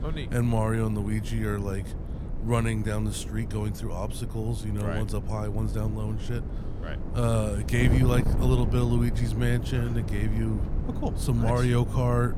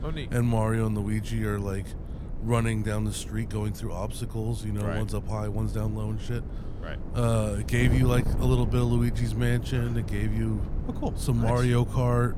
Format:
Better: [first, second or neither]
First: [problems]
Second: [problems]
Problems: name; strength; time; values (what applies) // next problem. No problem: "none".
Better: second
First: wind noise on the microphone; heavy; 9 dB below the speech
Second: wind noise on the microphone; occasional gusts; 10 dB below the speech